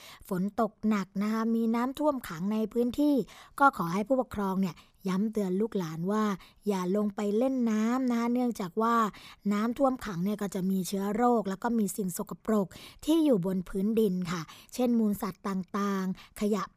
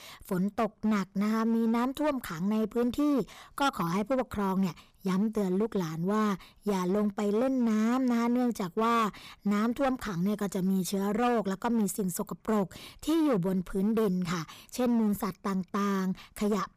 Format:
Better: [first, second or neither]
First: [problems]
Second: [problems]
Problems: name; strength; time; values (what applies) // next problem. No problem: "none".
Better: first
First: none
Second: distortion; slight; 11% of the sound clipped